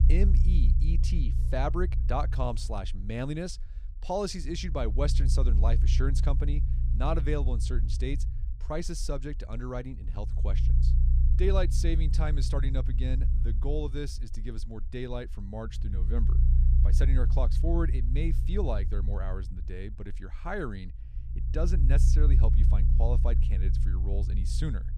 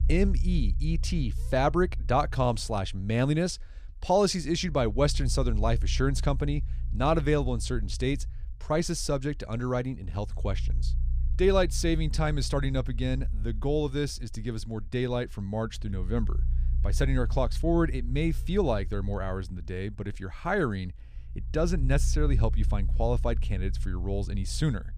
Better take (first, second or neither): second